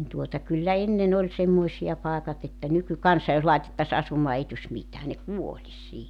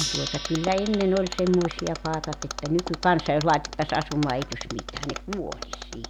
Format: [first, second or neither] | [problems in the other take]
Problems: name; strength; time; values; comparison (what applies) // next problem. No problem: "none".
first | background sound (Gong + Mechanisms); 9 dB below the speech